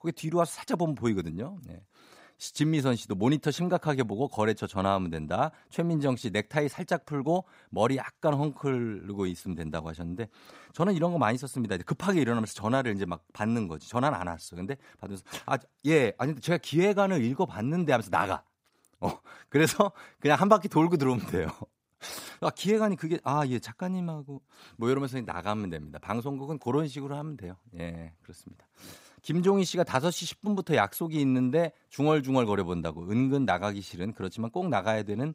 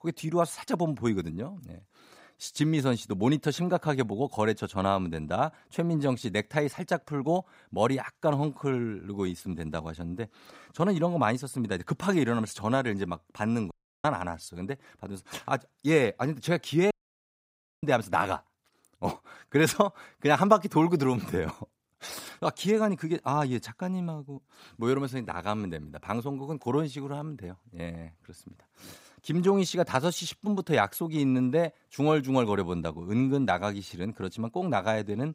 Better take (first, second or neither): first